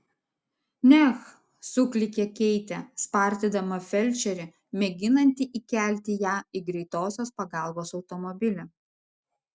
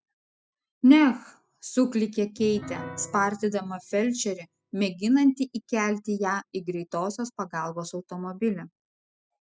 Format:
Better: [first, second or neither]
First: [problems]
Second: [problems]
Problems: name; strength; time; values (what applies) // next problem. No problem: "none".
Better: first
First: none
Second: noise reduction (classical method spectral subtraction)